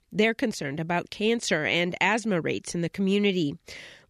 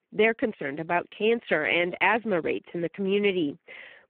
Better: first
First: none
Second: phone-call audio; poor line

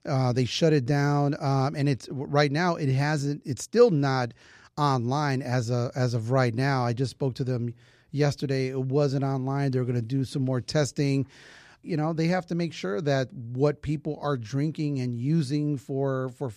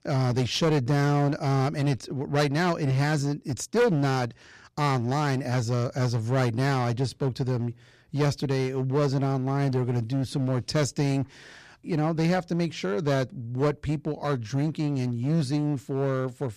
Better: first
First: none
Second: distortion; slight; 11% of the sound clipped

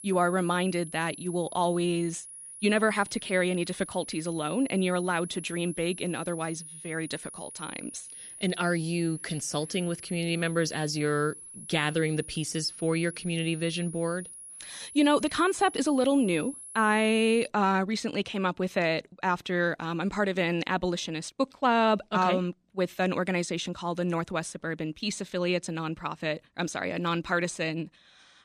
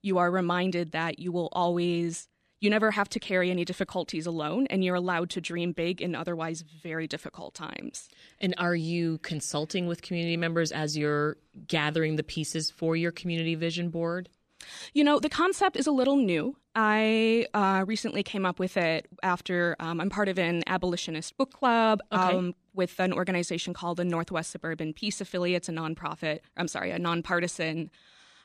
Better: second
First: high-pitched whine; noticeable; until 17 s; 10.5 kHz, 15 dB below the speech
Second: none

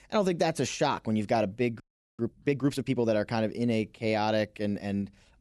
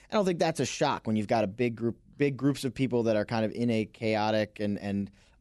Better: second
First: audio freezing; at 2 s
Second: none

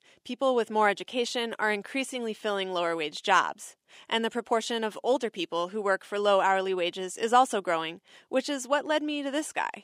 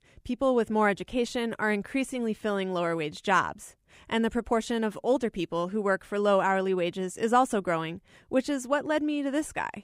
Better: second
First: thin; very slightly; fading below 300 Hz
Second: none

